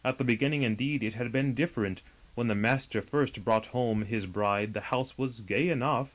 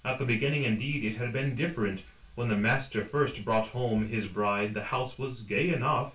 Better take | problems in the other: first | room echo; dies away in 0.3 s

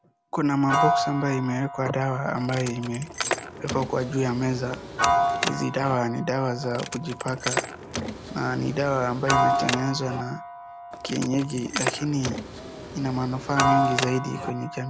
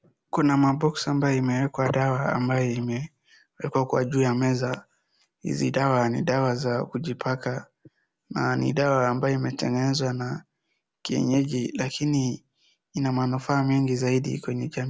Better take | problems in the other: second | background sound (Piano + Car); 2 dB below the speech

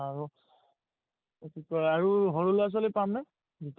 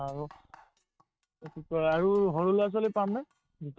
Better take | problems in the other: first | noise reduction (neural mask model RNNoise)

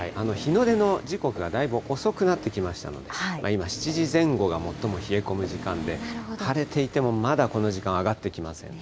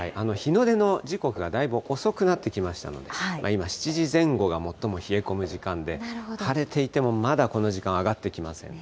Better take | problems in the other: second | background sound (Accelerating, revving, vroom); 14 dB below the speech

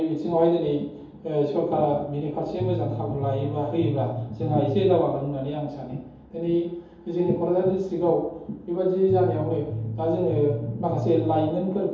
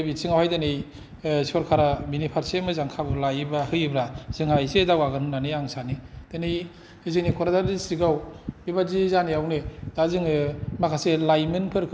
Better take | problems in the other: second | background sound (Bass guitar); 6 dB below the speech // room echo; dies away in 0.7 s

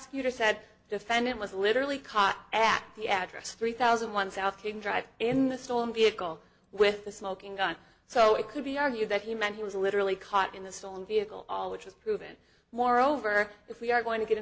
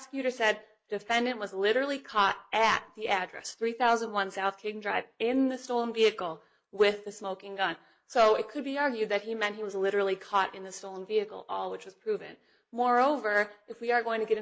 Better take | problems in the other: first | noise reduction (neural mask model Resemble Enhance denoiser)

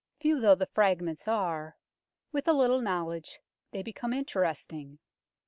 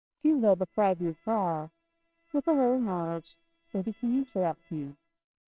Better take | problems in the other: first | noise reduction (neural separator model SepFormer WHAMR!)

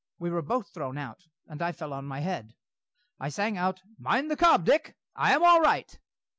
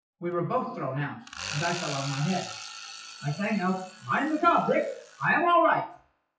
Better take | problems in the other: first | noise reduction (classical method WPE with log-MMSE)

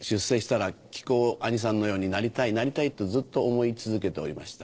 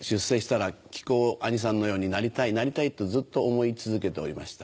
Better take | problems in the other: second | noise reduction (neural separator model SepFormer DNS4)

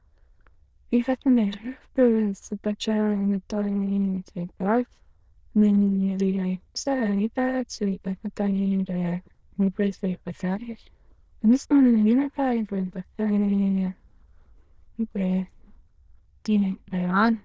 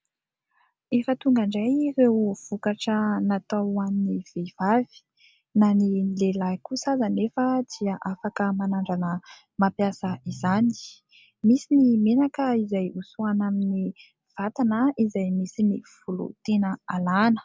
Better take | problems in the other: second | noise reduction (neural diffusion model UNIVERSE++)

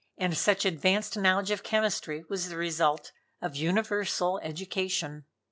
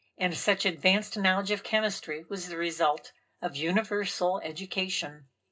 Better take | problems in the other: first | room echo; dies away in 0.2 s

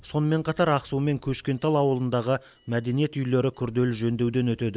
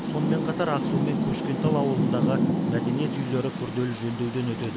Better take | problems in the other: first | background sound (Rain); 2 dB above the speech

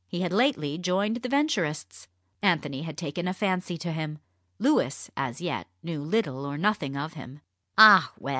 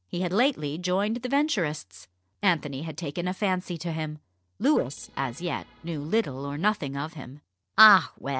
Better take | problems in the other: first | noise reduction (neural separator model SepFormer DNS4)

